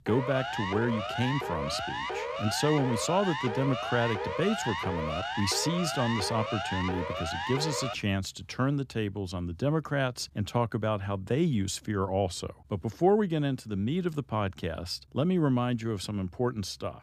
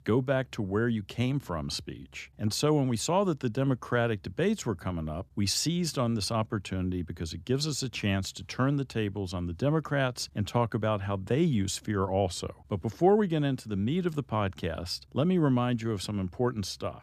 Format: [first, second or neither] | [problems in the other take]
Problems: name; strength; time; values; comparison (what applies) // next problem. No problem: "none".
second | siren; noticeable; until 8 s; peak 3 dB below the speech